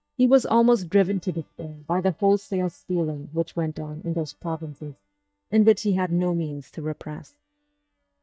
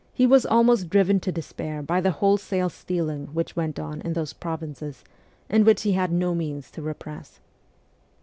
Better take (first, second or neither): second